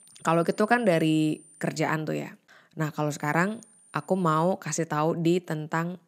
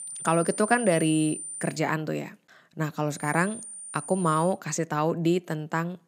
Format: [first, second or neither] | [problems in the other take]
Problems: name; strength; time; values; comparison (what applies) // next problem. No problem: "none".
first | high-pitched whine; loud; until 1.5 s and from 3 to 4.5 s; 9 kHz, 9 dB below the speech; faint in the first